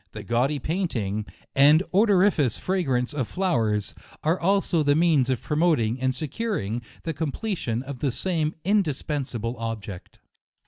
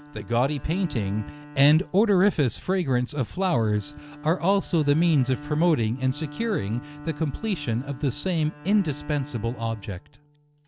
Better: first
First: none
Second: background sound (Bowed string instrument); 18 dB below the speech

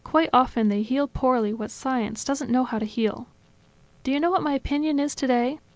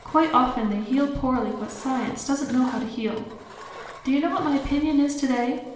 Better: first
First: none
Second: background sound (Engine); 20 dB below the speech // room echo; dies away in 0.8 s

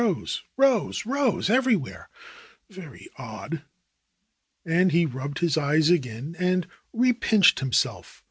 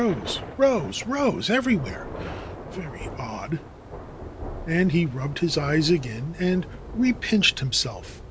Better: first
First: none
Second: background sound (Thunder / Rain); 12 dB below the speech

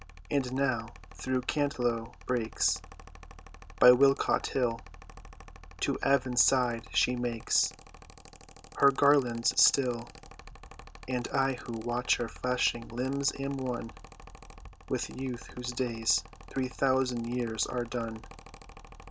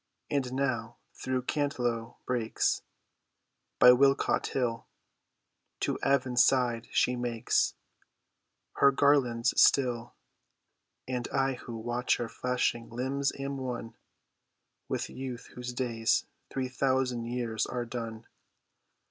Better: second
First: background sound (Mechanical fan); 17 dB below the speech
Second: none

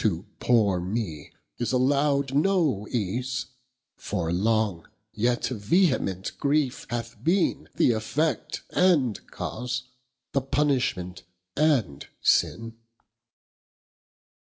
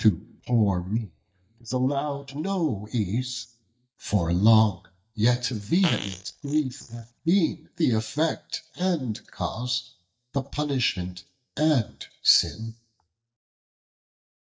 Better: first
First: none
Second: noise reduction (neural mask model DeepFilterNet 3)

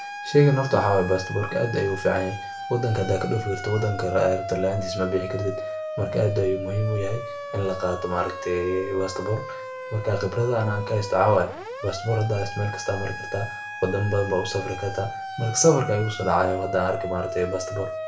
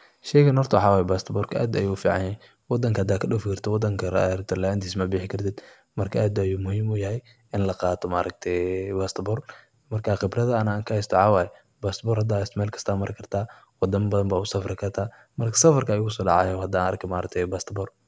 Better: second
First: background sound (Siren); 9 dB below the speech // room echo; dies away in 0.3 s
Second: none

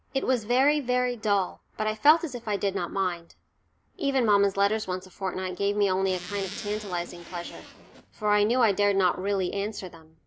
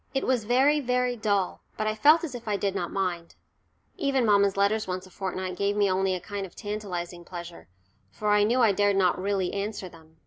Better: second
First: background sound (Zipper (clothing)); 15 dB below the speech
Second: none

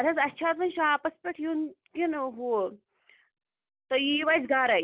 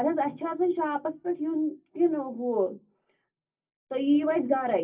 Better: first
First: none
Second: room echo; dies away in 0.4 s

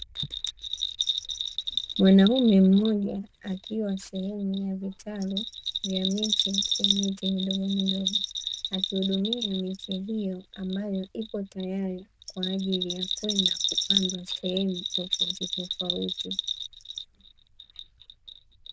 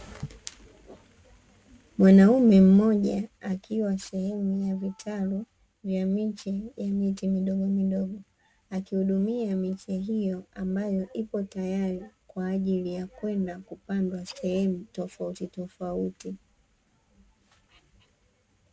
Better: second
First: noise reduction (neural diffusion model UNIVERSE++)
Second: none

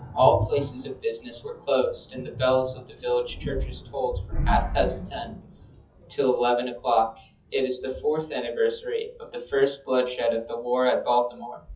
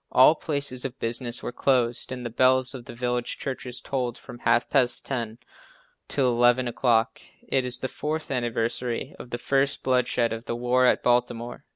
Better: second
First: noise reduction (classical method WPE with log-MMSE)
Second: none

